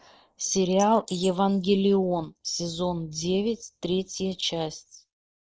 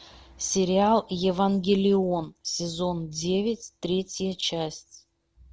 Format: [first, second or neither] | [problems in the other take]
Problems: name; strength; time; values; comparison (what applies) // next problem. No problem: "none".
second | noise reduction (neural mask model Resemble Enhance denoiser)